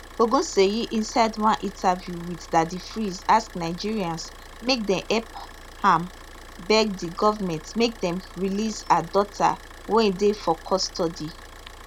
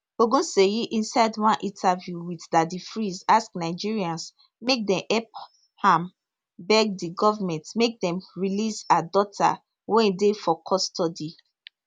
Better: second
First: background sound (Idling / Car); 18 dB below the speech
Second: none

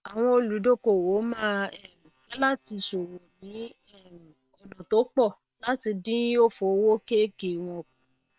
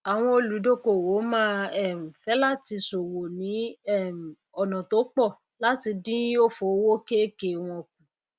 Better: second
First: noise reduction (neural separator model SepFormer WHAM!)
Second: none

